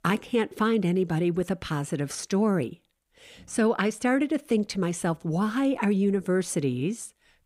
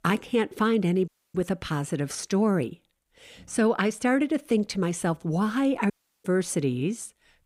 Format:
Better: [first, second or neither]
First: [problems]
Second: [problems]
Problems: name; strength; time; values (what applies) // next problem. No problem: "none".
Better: first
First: none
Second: audio cutting out; at 1 s and at 6 s